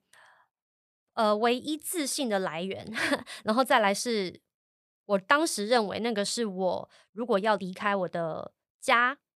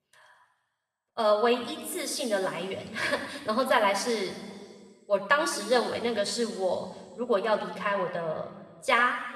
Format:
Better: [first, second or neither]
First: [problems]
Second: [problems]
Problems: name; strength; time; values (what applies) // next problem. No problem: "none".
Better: first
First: none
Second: room echo; noticeable; dies away in 1.7 s